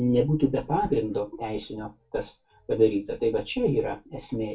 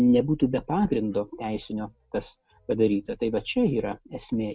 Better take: second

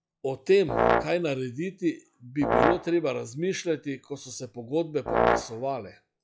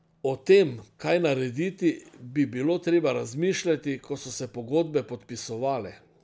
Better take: second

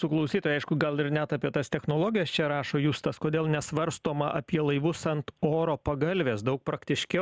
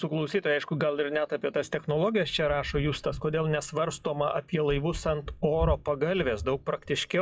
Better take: first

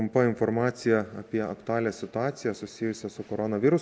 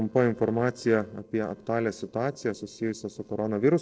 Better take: first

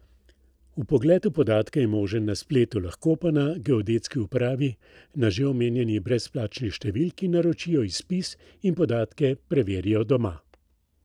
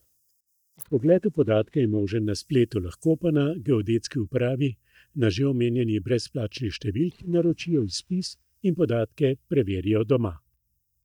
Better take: first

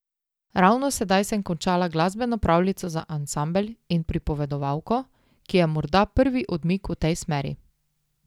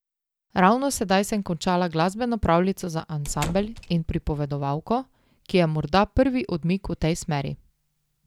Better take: first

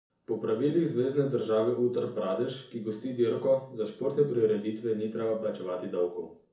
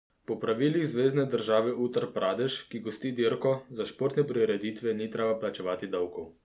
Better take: second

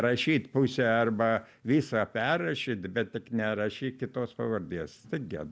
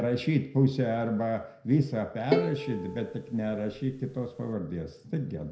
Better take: first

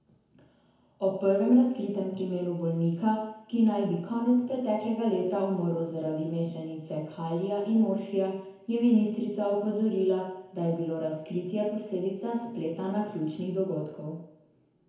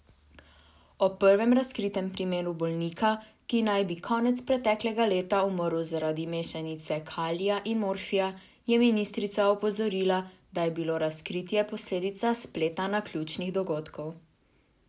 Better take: second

